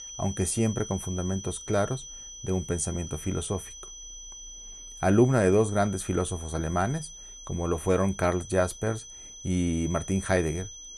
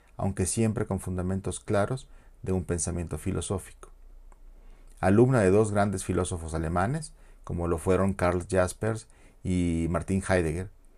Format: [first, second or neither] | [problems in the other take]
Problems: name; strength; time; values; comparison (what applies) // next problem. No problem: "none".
second | high-pitched whine; noticeable; throughout; 6 kHz, 15 dB below the speech